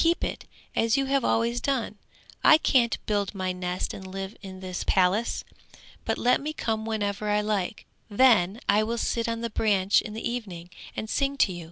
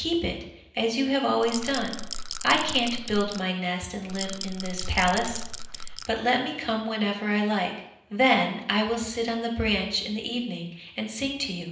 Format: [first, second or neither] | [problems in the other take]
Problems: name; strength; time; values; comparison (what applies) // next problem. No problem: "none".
first | background sound (Rattle / Rattle (instrument)); 7 dB below the speech // room echo; dies away in 0.8 s